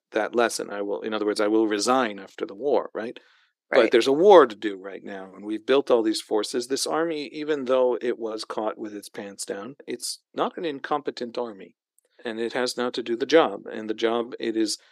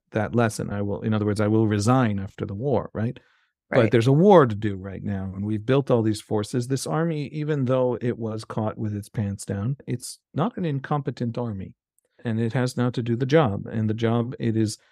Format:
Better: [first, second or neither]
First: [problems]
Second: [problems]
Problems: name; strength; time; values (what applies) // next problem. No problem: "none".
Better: second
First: thin; somewhat; fading below 350 Hz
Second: none